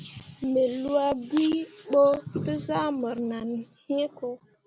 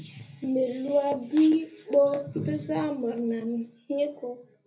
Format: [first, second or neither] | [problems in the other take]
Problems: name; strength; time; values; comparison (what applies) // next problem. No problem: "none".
first | room echo; dies away in 0.3 s